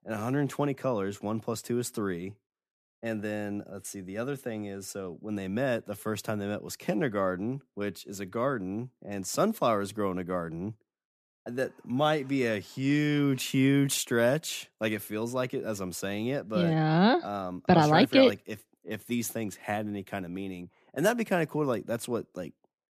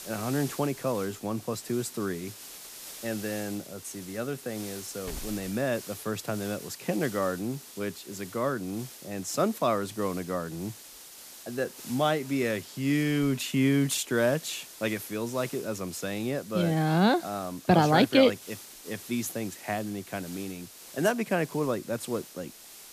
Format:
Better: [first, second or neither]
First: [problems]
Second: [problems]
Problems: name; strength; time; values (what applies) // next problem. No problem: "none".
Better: first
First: none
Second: hiss; noticeable; throughout; 15 dB below the speech